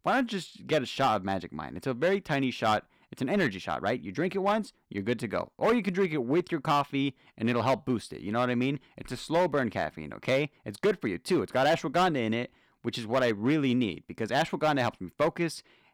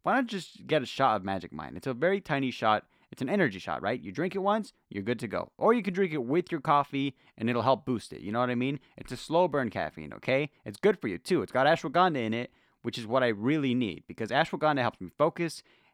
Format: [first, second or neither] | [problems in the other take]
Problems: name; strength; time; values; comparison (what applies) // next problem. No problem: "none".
second | distortion; slight; 4% of the sound clipped